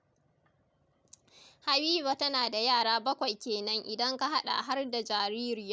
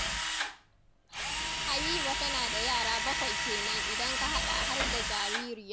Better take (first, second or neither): first